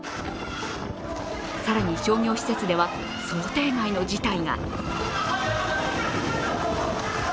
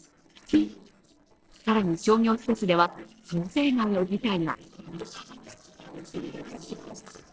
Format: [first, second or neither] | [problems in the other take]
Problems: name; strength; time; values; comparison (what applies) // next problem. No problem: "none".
first | noise reduction (neural separator model SepFormer DNS4)